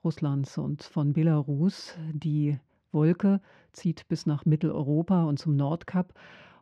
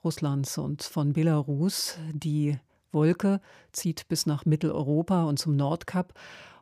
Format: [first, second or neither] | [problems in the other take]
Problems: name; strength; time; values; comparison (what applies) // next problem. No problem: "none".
second | muffled; slightly; fading above 3.5 kHz